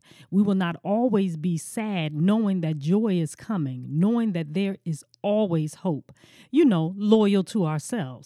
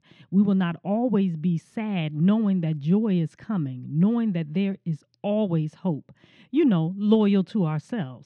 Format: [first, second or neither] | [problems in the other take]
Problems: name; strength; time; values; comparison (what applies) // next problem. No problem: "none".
first | muffled; slightly; fading above 3 kHz